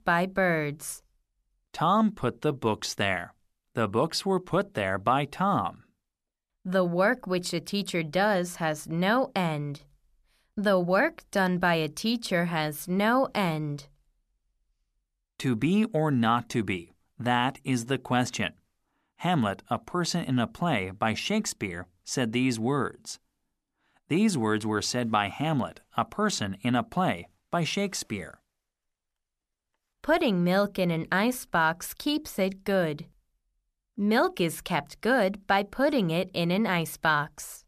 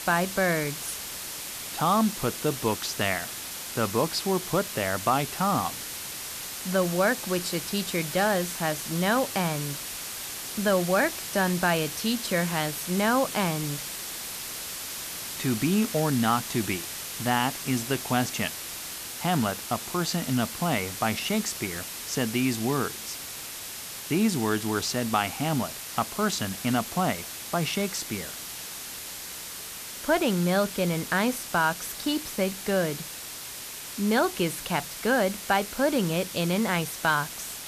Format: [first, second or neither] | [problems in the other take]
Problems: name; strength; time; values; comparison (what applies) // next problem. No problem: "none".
first | hiss; loud; throughout; 7 dB below the speech